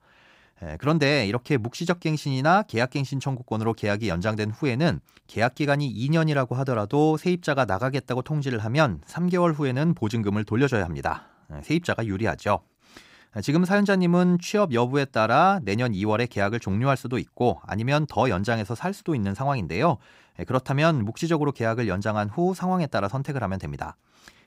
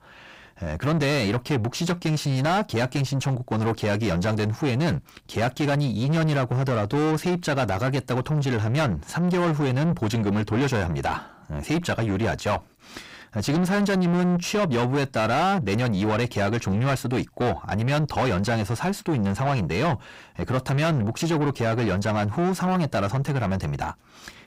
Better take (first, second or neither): first